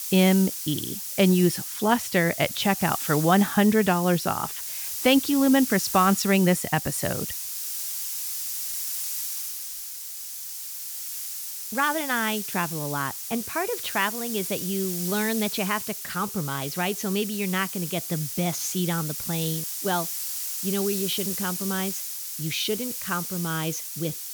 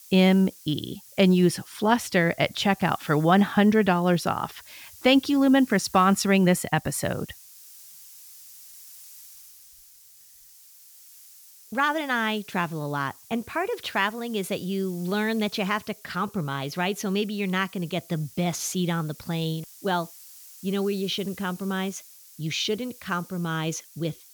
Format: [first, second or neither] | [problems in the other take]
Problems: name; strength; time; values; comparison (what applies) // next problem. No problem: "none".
second | hiss; loud; throughout; 5 dB below the speech; faint in the second